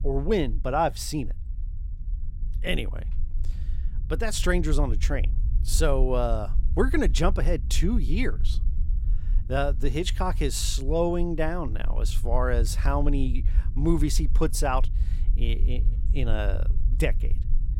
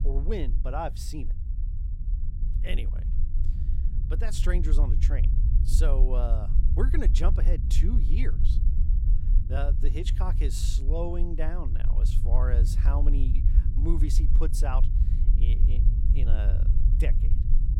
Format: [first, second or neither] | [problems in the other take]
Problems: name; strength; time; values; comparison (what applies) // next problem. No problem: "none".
first | low rumble; loud; throughout; 8 dB below the speech; faint in the first